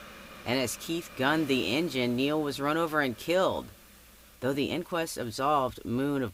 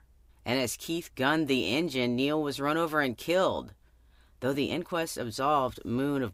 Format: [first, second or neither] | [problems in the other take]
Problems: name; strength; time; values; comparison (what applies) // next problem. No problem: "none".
second | hiss; noticeable; throughout; 20 dB below the speech